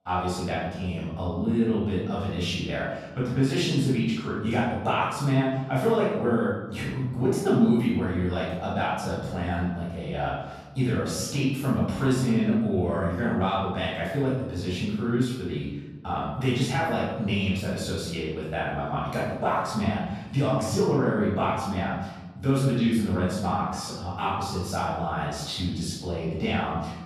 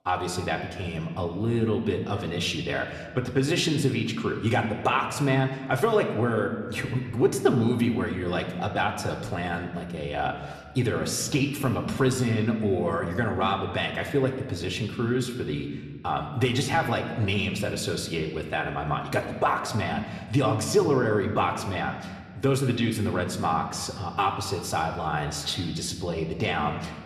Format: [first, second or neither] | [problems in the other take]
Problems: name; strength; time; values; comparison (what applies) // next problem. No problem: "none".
second | room echo; strong; dies away in 1.1 s; slight in the second // off-mic speech; far; somewhat distant in the second